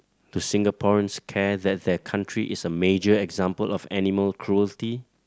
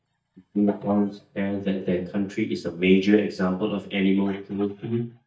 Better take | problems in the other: first | noise reduction (neural mask model DeepFilterNet 3)

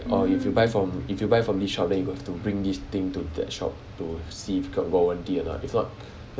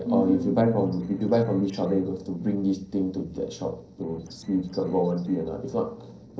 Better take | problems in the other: first | noise reduction (neural separator model SepFormer DNS4)

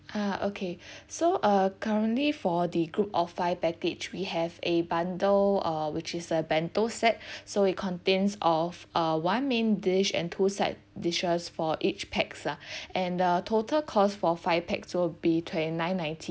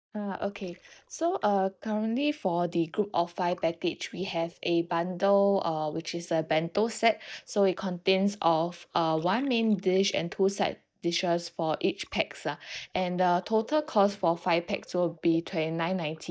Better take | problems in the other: first | noise reduction (neural mask model DeepFilterNet 3)

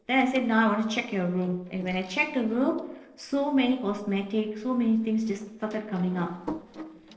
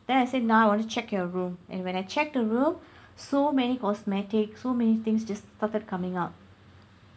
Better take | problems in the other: second | noise reduction (neural separator model SepFormer DNS4)

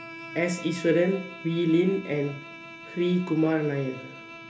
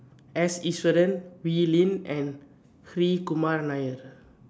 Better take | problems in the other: second | background sound (Bowed string instrument); 15 dB below the speech // room echo; dies away in 0.3 s

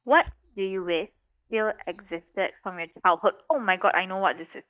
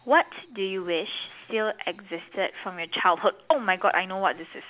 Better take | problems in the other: second | noise reduction (neural mask model DeepFilterNet 3)

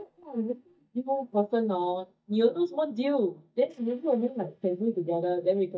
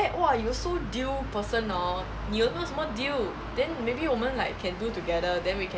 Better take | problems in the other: second | noise reduction (neural mask model DeepFilterNet 3)

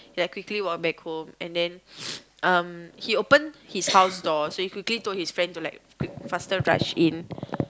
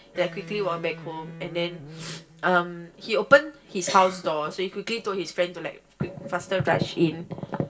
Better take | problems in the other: first | background sound (Electric guitar); 16 dB below the speech // room echo; dies away in 0.2 s

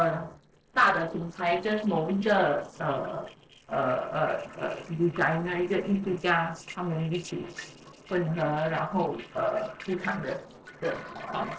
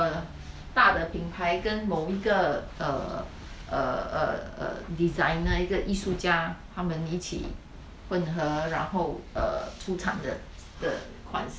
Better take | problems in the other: second | noise reduction (neural separator model SepFormer DNS4)

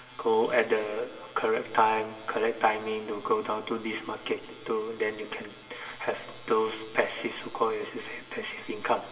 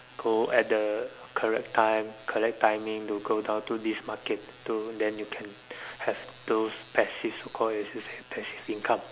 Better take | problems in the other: second | room echo; dies away in 2 s

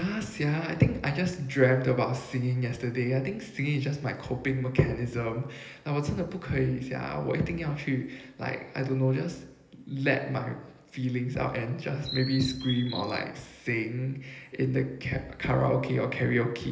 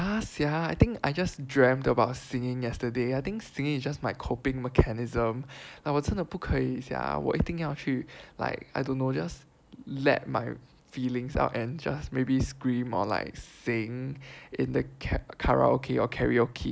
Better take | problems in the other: second | background sound (Chirp, tweet); 9 dB below the speech // room echo; dies away in 1.4 s

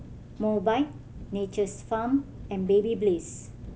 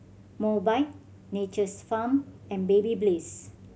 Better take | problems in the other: second | background sound (Engine); 16 dB below the speech

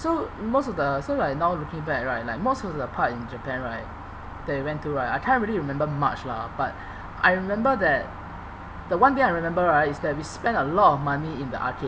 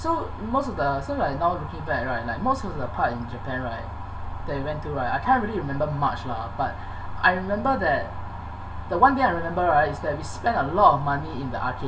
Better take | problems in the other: first | room echo; dies away in 0.2 s

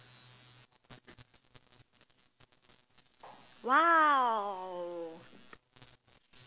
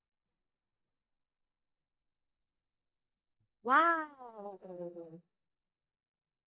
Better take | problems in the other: first | noise reduction (neural mask model DeepFilterNet 3)

